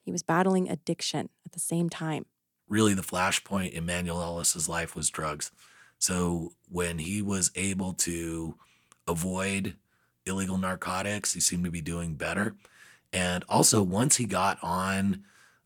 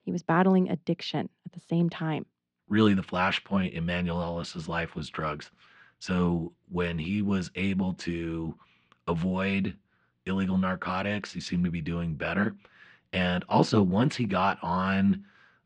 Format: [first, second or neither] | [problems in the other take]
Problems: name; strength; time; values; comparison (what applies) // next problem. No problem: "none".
first | muffled; very; fading above 4 kHz